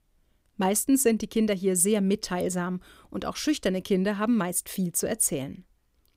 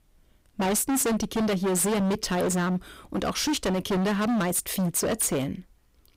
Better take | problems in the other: first | distortion; heavy; 28% of the sound clipped

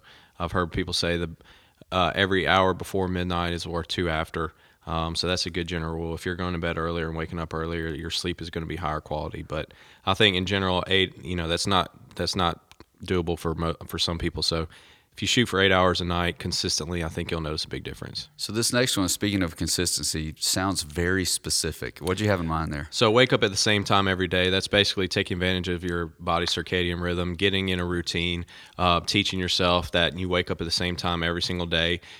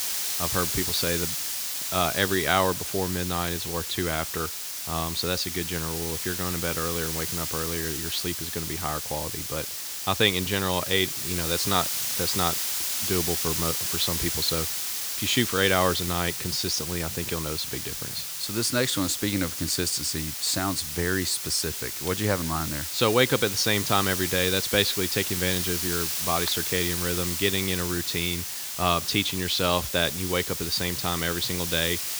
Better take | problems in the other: first | hiss; loud; throughout; 1 dB below the speech

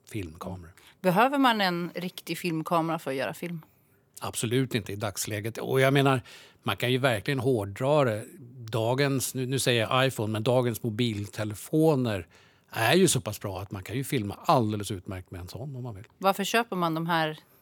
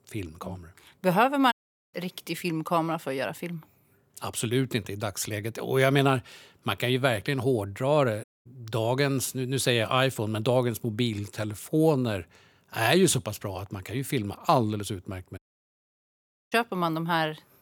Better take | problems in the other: first | audio cutting out; at 1.5 s, at 8 s and at 15 s for 1 s

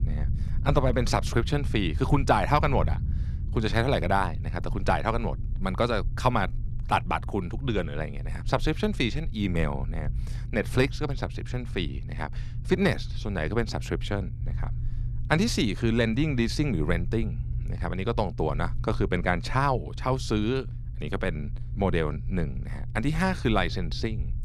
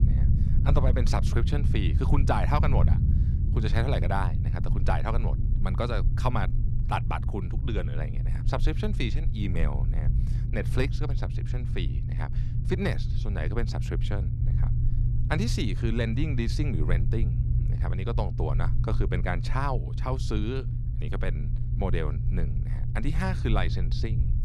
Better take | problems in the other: first | low rumble; loud; throughout; 8 dB below the speech; faint in the first

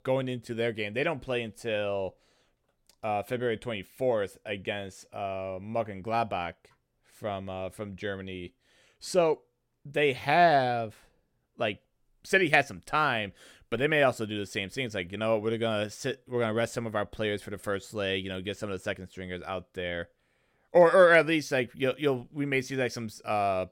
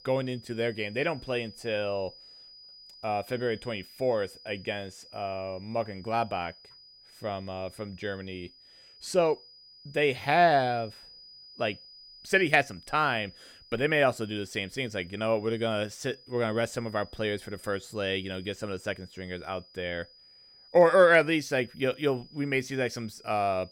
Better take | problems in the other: first | high-pitched whine; faint; throughout; 5 kHz, 20 dB below the speech

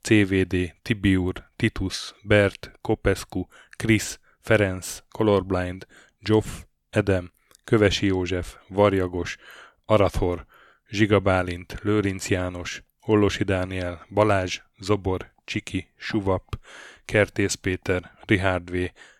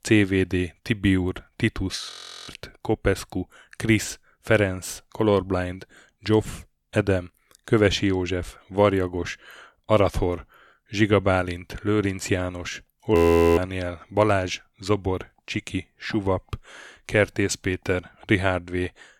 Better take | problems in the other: first | audio freezing; at 2 s and at 13 s

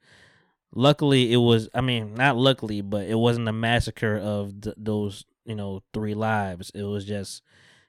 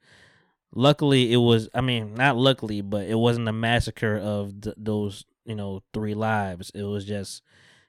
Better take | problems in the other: neither | none

